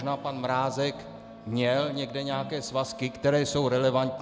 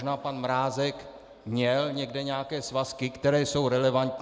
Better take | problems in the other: second | background sound (Wind instrument, woodwind instrument + Guitar); 17 dB below the speech

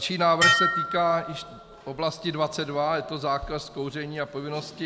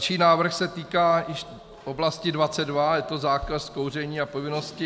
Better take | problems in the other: second | background sound (Dishes, pots, and pans); as loud as the speech

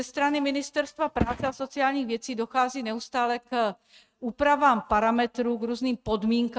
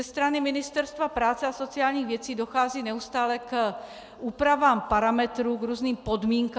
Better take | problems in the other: second | noise reduction (neural mask model RNNoise)

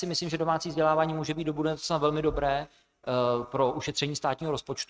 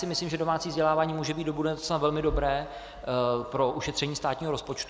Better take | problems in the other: second | noise reduction (neural mask model RNNoise)

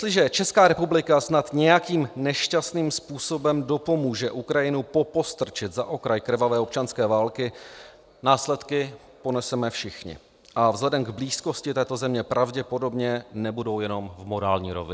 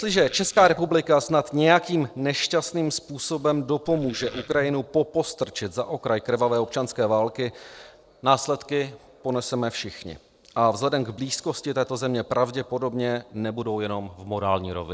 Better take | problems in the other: first | noise reduction (neural separator model SepFormer DNS4)

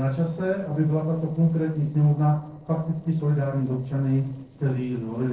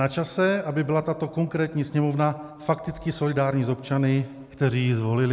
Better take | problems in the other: second | noise reduction (neural separator model SepFormer DNS4)

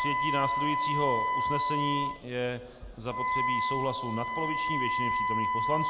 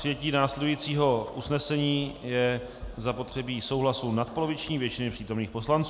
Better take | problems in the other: second | background sound (Wind instrument, woodwind instrument); 4 dB above the speech

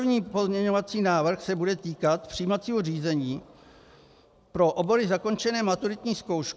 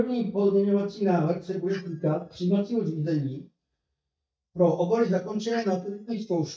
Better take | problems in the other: first | noise reduction (neural mask model DeepFilterNet 3)

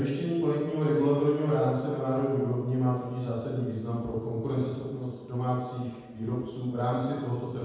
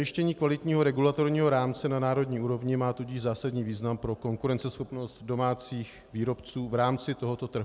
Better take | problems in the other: second | room echo; dies away in 1.2 s

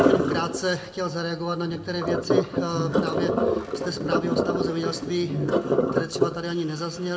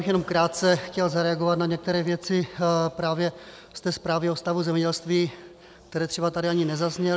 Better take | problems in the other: second | background sound (Sink (filling or washing)); 3 dB above the speech // room echo; dies away in 0.9 s

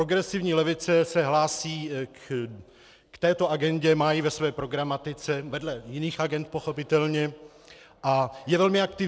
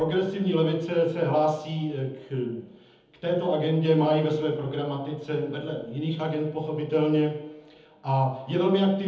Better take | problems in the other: first | room echo; dies away in 1 s

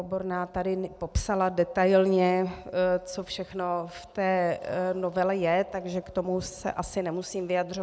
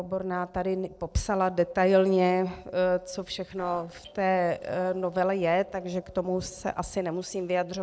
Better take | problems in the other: first | noise reduction (neural separator model SepFormer DNS4)

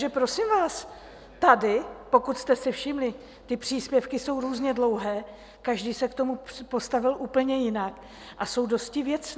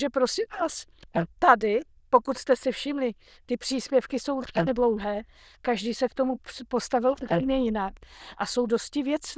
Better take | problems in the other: first | noise reduction (neural diffusion model UNIVERSE++)

